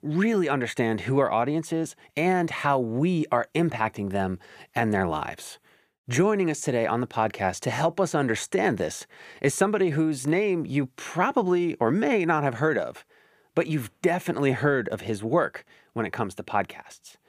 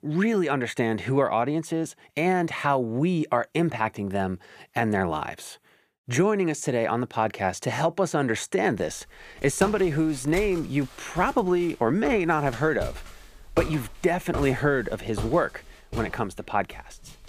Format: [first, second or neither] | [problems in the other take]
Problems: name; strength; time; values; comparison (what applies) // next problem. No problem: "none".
first | footsteps; noticeable; from 9.5 s on; peak 7 dB below the speech